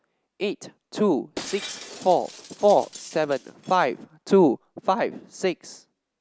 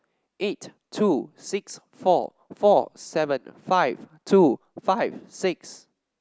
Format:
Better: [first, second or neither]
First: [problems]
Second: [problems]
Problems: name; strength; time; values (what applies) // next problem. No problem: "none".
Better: second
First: background sound (Shatter); 18 dB below the speech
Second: none